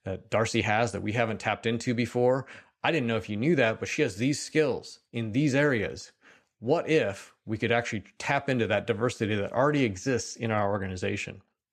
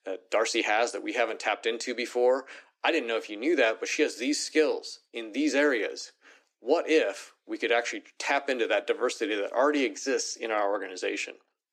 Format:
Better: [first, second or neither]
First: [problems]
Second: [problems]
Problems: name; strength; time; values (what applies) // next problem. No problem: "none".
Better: first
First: none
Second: thin; very slightly; fading below 300 Hz